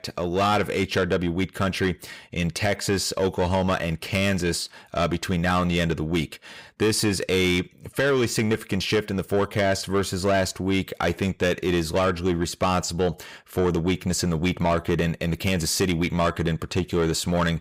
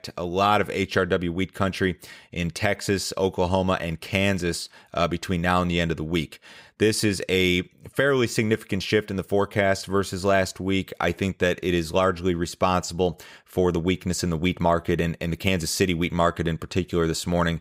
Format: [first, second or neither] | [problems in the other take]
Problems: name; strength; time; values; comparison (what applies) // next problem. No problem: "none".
second | distortion; slight; 10 dB below the speech